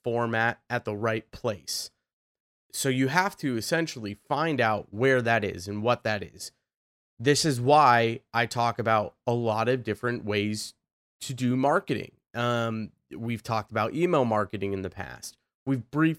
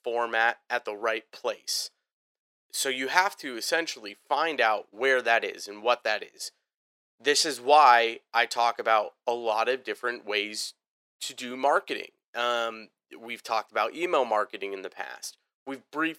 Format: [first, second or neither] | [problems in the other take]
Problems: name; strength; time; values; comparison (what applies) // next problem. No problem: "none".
first | thin; very; fading below 400 Hz